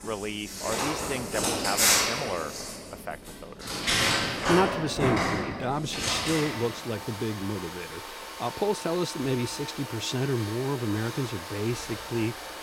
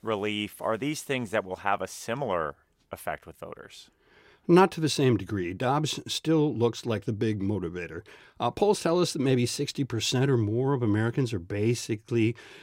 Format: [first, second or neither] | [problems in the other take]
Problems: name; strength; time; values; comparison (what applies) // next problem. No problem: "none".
second | household noises; very loud; throughout; 2 dB above the speech